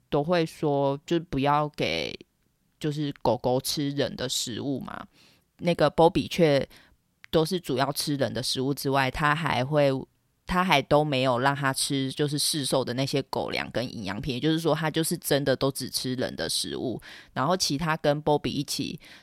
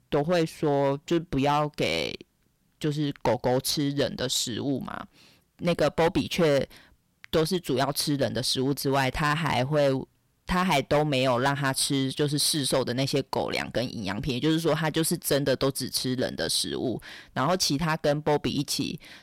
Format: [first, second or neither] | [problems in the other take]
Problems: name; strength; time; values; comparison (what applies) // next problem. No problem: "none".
first | distortion; slight; 5% of the sound clipped